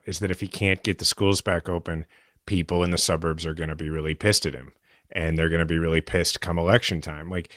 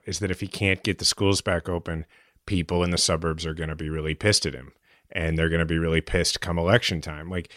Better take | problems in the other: second | garbled, watery; slightly; nothing above 16 kHz

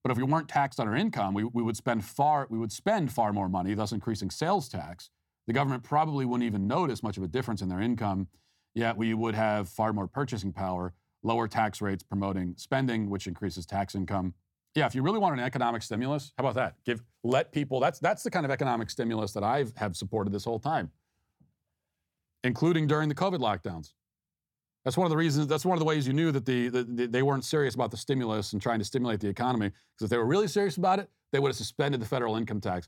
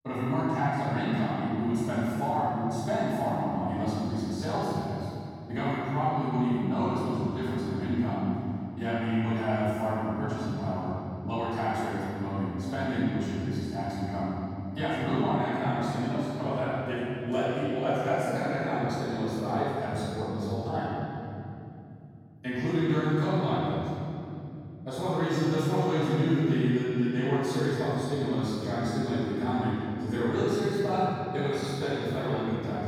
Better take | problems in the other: first | off-mic speech; far // room echo; strong; dies away in 3 s

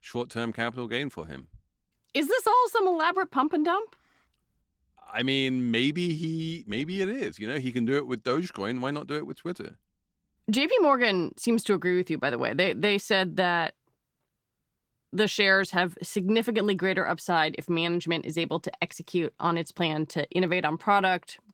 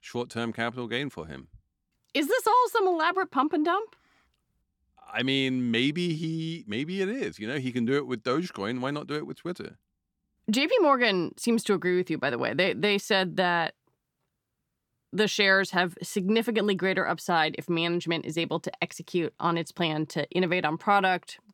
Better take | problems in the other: second | garbled, watery; slightly; nothing above 16 kHz

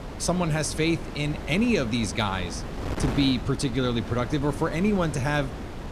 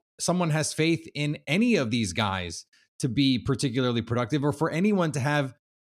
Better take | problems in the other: second | wind noise on the microphone; occasional gusts; 10 dB below the speech

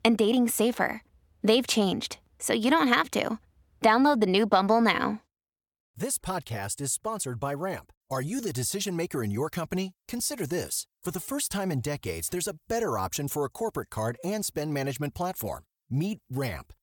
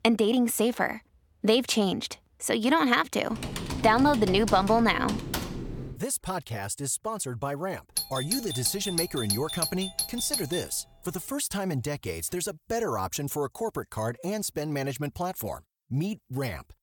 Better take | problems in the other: first | keyboard typing; noticeable; from 3.5 to 6 s; peak 4 dB below the speech // doorbell; noticeable; from 8 to 11 s; peak level with the speech

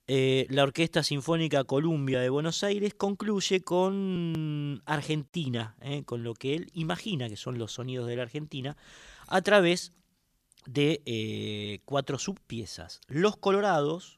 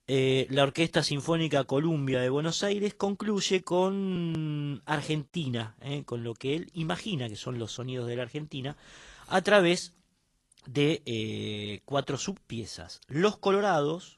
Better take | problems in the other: first | garbled, watery; slightly

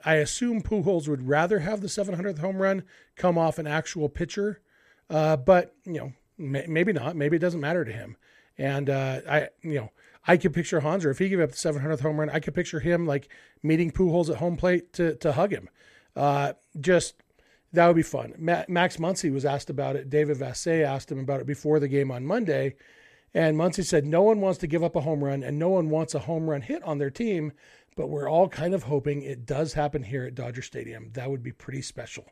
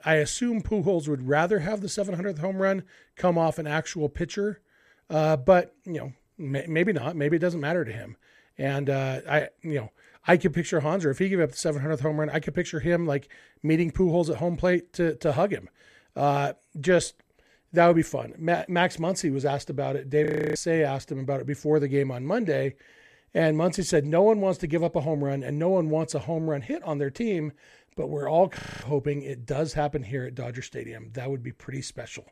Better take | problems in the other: first | audio freezing; at 20 s and at 29 s

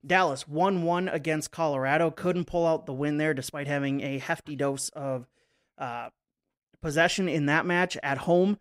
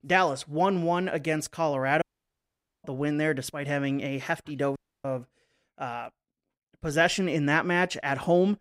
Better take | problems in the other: first | audio cutting out; at 2 s for 1 s and at 5 s

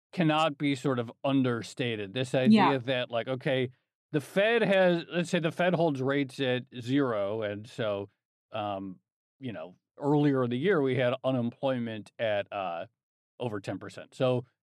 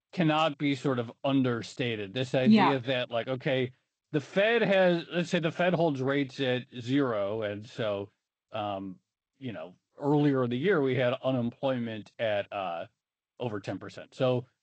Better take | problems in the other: first | garbled, watery; slightly; nothing above 8 kHz

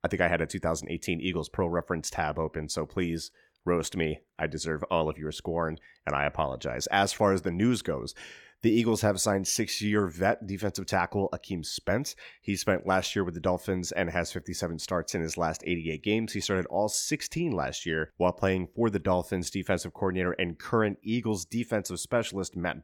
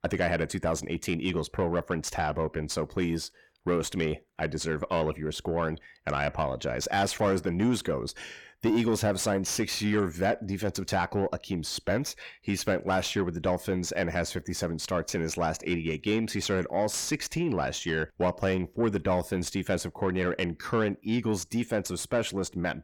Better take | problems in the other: first | distortion; slight; 10 dB below the speech

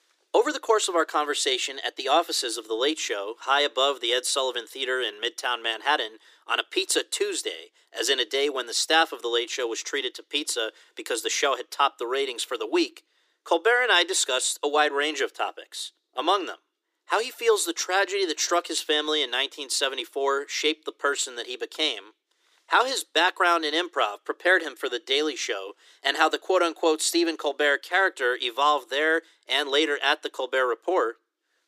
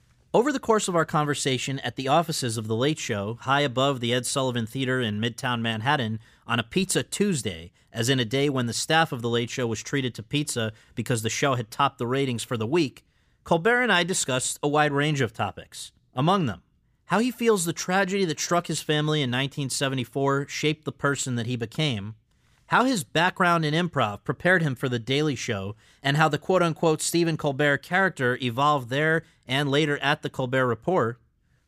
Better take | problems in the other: second | thin; very; fading below 300 Hz

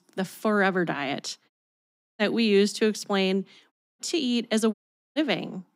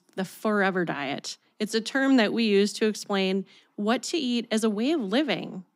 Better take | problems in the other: second | audio cutting out; at 1.5 s for 0.5 s, at 3.5 s and at 4.5 s

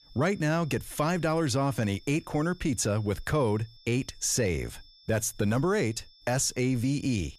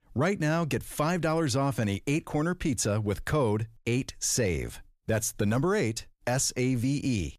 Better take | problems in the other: second | high-pitched whine; faint; throughout; 5.5 kHz, 25 dB below the speech

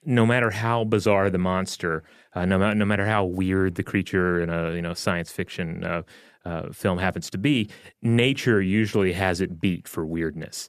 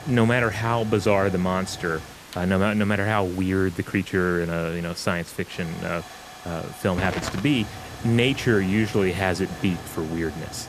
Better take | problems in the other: first | hiss; noticeable; throughout; 15 dB below the speech

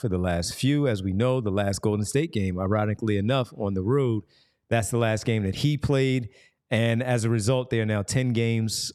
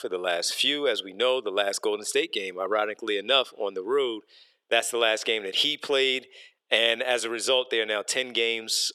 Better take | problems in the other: first | thin; very; fading below 400 Hz

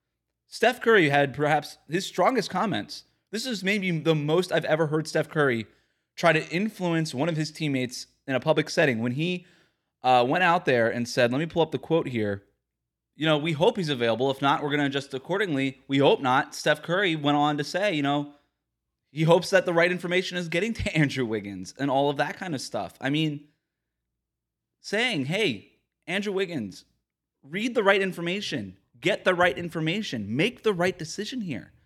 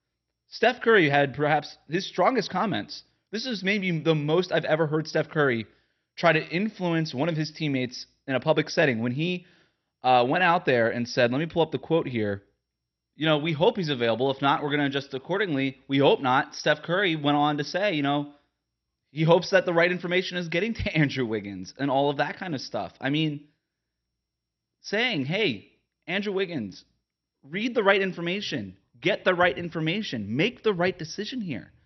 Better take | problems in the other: first | garbled, watery; slightly; nothing above 6 kHz

